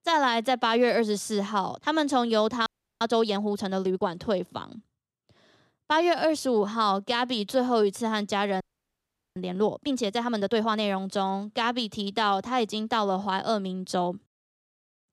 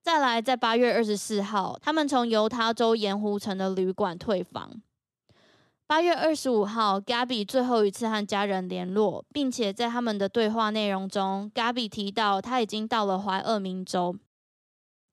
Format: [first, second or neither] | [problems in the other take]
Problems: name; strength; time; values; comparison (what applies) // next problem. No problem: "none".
second | audio freezing; at 2.5 s and at 8.5 s for 1 s